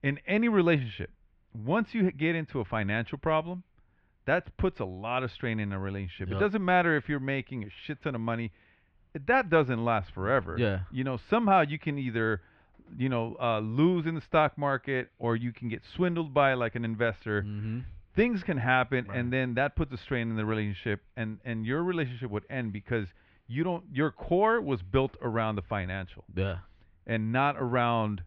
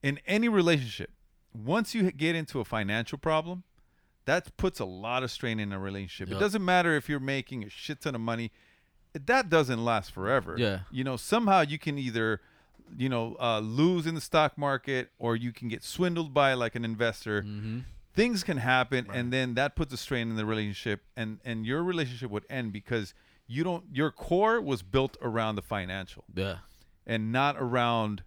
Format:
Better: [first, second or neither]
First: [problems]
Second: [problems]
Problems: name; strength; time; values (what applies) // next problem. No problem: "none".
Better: second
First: muffled; very; fading above 3 kHz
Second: none